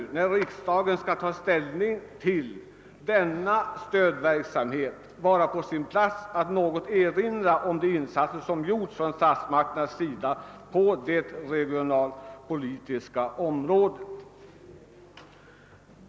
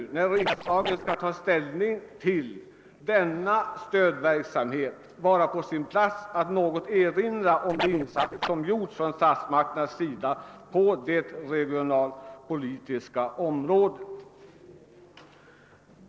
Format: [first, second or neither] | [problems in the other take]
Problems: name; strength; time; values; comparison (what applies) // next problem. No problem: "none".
first | noise reduction (neural separator model SepFormer DNS4)